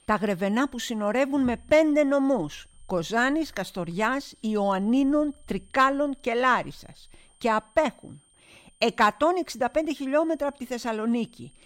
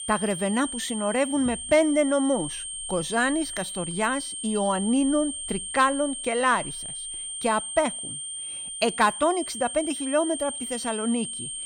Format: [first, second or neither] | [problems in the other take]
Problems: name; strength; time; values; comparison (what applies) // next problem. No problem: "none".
first | high-pitched whine; loud; throughout; 8.5 kHz, 6 dB below the speech; faint in the first